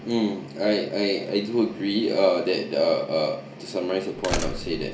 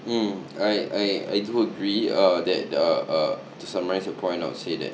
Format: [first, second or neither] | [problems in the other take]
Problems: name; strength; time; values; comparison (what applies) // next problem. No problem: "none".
second | background sound (Slam); 13 dB below the speech // room echo; dies away in 0.4 s